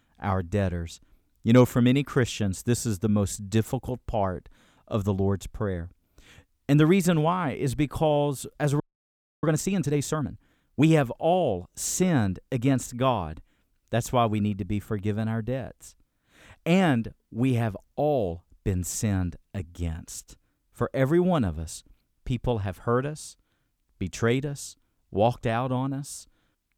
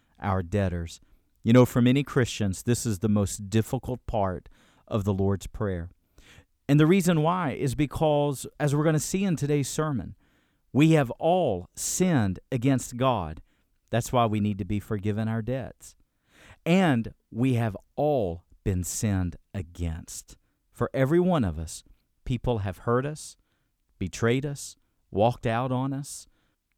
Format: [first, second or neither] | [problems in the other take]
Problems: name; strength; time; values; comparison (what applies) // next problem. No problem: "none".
second | audio freezing; at 9 s for 0.5 s